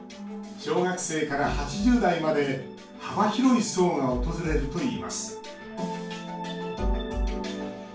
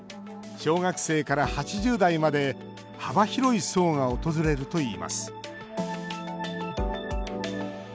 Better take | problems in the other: second | room echo; dies away in 0.3 s

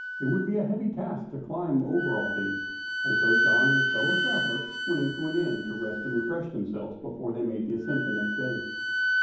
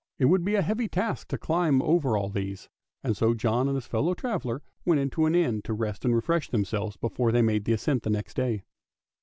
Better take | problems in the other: second | background sound (Wind instrument, woodwind instrument); as loud as the speech // room echo; dies away in 1.2 s

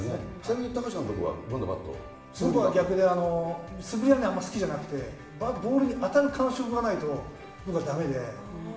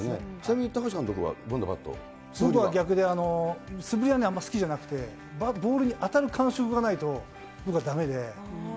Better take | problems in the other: second | room echo; dies away in 0.8 s

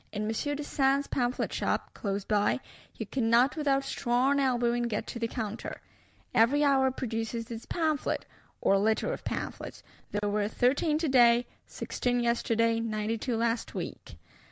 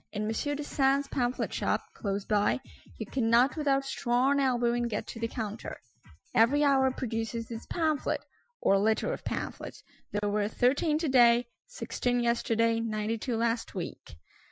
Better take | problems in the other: first | noise reduction (classical method Wiener filter)

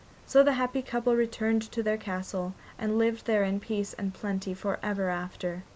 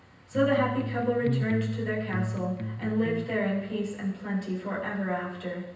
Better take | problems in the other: first | background sound (Electric guitar); 4 dB below the speech // room echo; dies away in 0.9 s

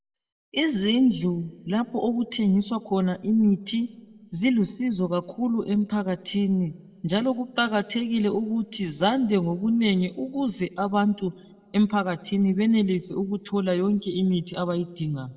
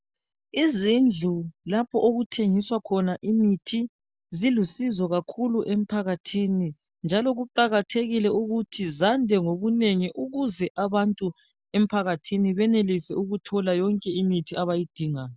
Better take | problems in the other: second | room echo; dies away in 1.4 s

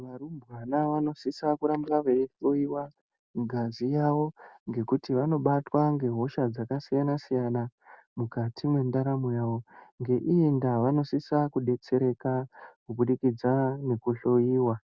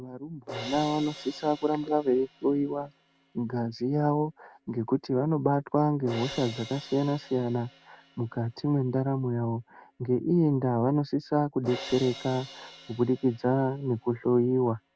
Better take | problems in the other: first | background sound (Crash cymbal); 18 dB below the speech

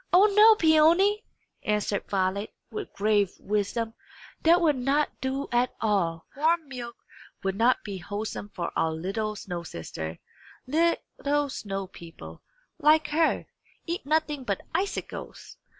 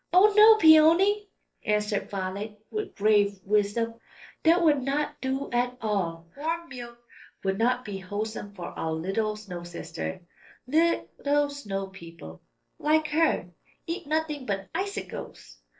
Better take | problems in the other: first | noise reduction (neural separator model SepFormer DNS4)

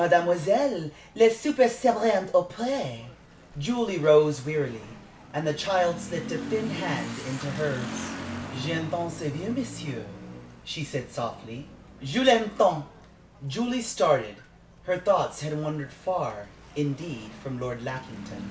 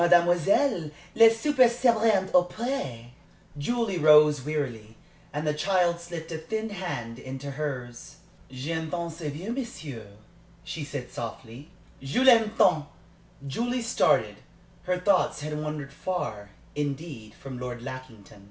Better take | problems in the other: second | background sound (Motorcycle / Accelerating, revving, vroom); 14 dB below the speech

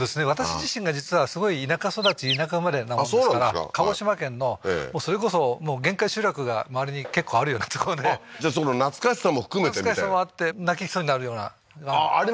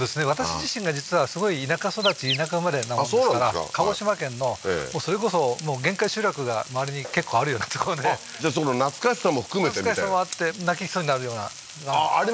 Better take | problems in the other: first | background sound (Frying (food)); 16 dB below the speech

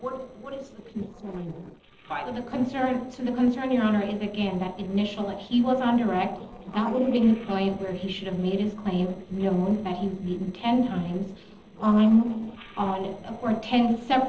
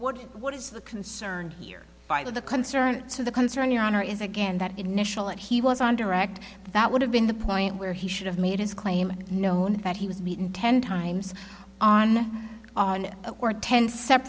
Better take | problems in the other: second | noise reduction (neural separator model SepFormer DNS4)

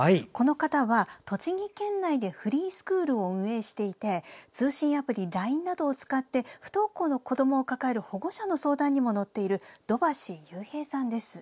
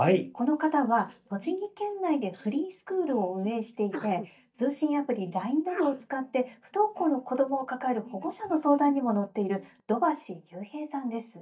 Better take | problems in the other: first | noise reduction (neural mask model DeepFilterNet 3)

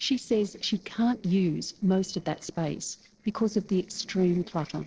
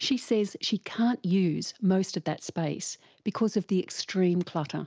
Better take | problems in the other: second | noise reduction (neural separator model SepFormer DNS4)

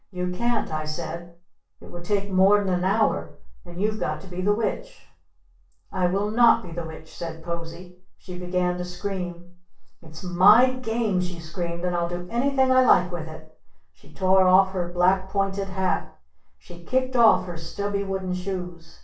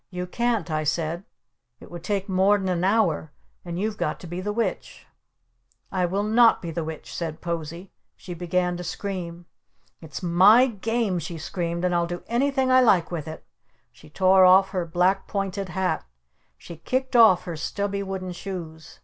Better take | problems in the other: second | room echo; dies away in 0.4 s

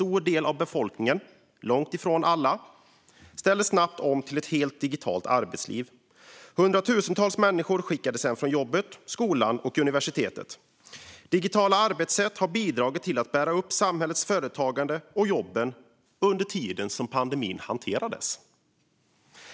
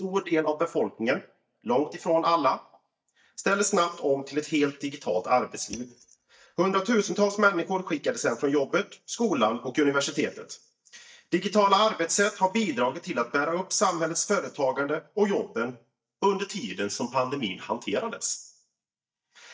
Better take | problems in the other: first | noise reduction (neural mask model DeepFilterNet 3)

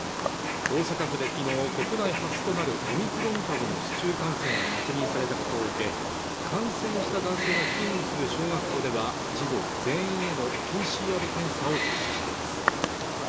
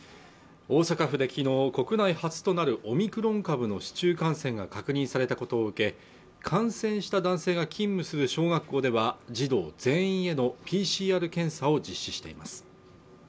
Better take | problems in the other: second | background sound (Wild animals); 2 dB above the speech

